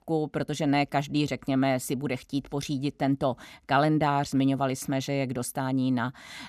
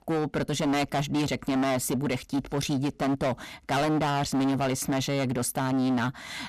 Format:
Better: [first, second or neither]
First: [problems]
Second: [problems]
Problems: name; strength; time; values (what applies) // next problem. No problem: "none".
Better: first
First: none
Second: distortion; heavy; 24% of the sound clipped